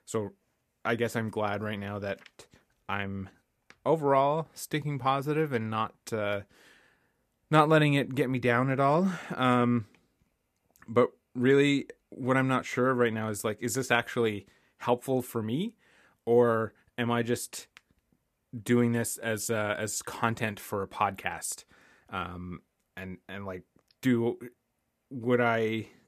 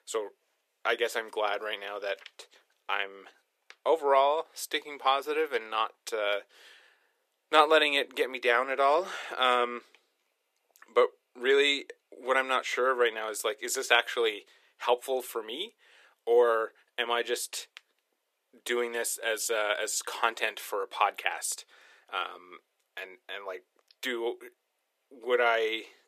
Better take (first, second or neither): first